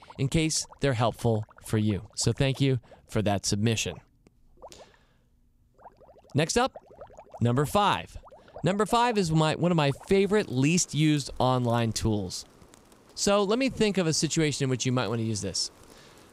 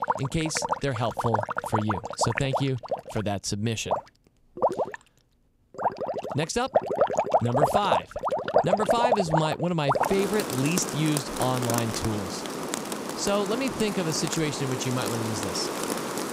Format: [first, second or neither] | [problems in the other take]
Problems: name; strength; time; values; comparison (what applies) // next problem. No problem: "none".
first | rain or running water; loud; throughout; as loud as the speech; faint in the first